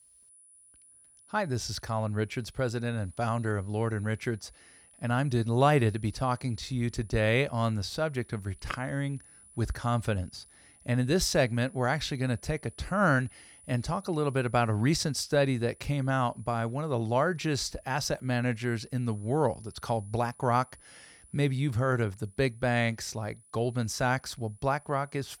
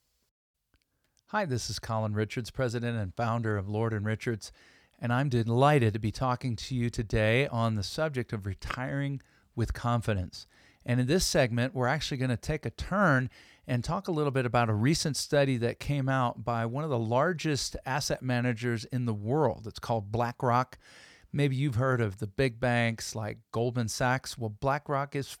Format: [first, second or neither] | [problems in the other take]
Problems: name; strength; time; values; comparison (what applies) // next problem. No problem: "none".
second | high-pitched whine; faint; throughout; 10 kHz, 25 dB below the speech